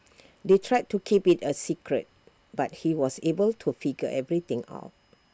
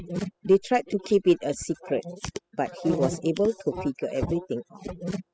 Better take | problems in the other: first | noise reduction (classical method spectral subtraction)

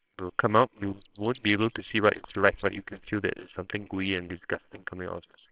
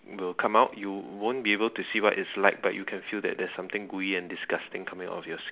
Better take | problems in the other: second | noise reduction (neural separator model SepFormer WHAMR!)

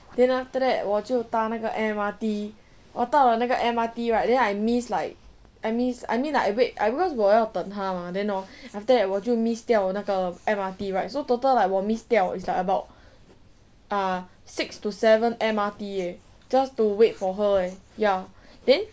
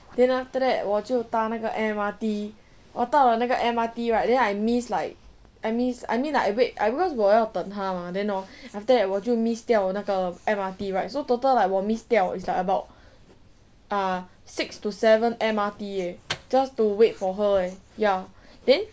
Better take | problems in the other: first | background sound (Microwave oven); 16 dB below the speech

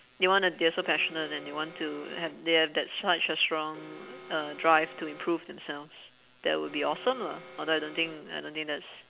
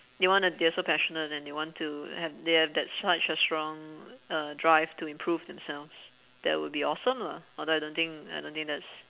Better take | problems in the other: second | background sound (Alarm); 19 dB below the speech

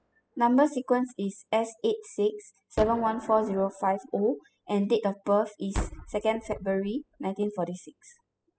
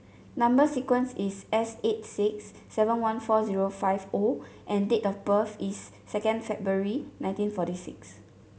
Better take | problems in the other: second | noise reduction (classical method spectral subtraction)

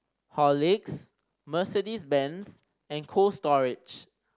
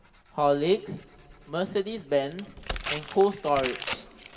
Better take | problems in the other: first | background sound (Tearing); 11 dB below the speech // room echo; dies away in 1.4 s

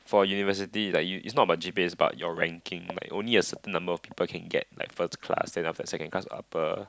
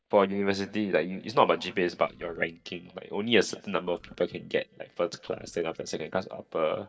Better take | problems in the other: first | noise reduction (neural mask model DeepFilterNet 3)

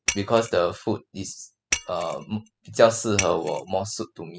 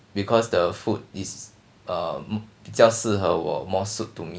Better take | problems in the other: second | noise reduction (classical method spectral subtraction)

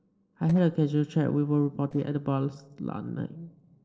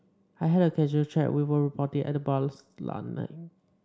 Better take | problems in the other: second | noise reduction (neural separator model SepFormer DNS4)

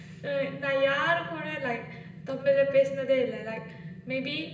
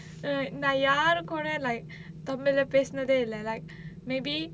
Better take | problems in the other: second | room echo; dies away in 0.9 s

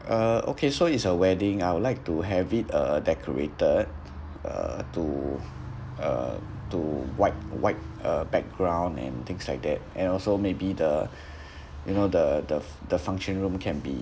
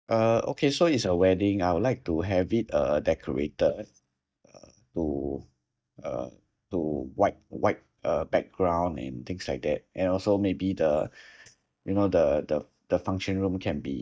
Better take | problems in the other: first | noise reduction (neural mask model DeepFilterNet 3)

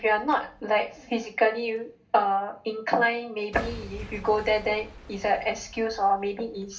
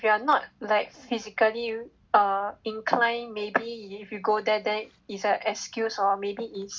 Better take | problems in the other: second | background sound (Shatter / Crushing / Boom); 19 dB below the speech // room echo; dies away in 0.3 s

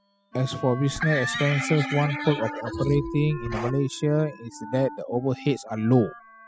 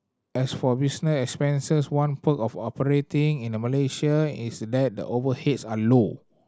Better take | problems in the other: second | noise reduction (classical method spectral subtraction)

